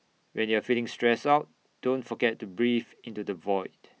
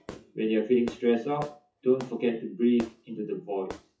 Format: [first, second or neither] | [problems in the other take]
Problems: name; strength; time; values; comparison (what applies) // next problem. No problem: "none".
first | noise reduction (classical method WPE with log-MMSE)